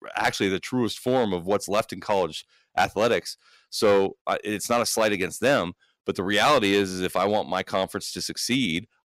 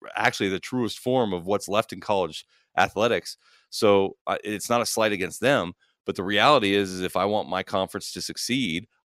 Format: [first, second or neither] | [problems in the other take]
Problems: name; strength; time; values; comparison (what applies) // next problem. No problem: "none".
second | distortion; slight; 2% of the sound clipped